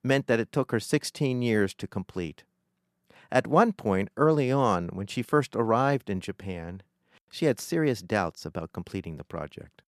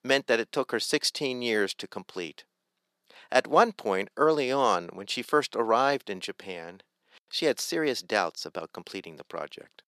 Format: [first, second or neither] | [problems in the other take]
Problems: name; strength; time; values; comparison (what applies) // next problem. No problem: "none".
first | thin; somewhat; fading below 400 Hz